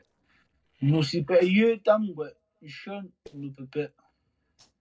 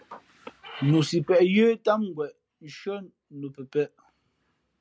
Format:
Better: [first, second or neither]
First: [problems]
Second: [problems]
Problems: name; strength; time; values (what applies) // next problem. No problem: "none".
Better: second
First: noise reduction (neural separator model SepFormer DNS4)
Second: none